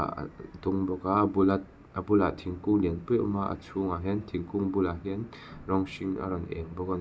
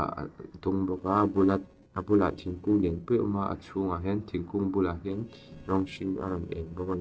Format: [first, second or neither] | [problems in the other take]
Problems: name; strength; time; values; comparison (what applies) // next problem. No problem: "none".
first | noise reduction (neural separator model SepFormer DNS4)